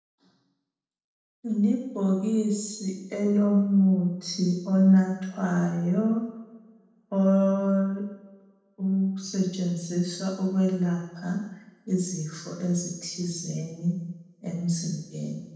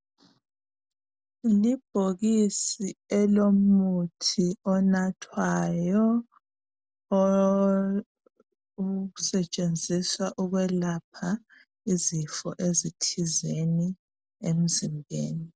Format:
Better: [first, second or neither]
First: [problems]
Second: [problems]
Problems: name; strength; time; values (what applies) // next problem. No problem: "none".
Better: second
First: room echo; dies away in 0.9 s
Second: none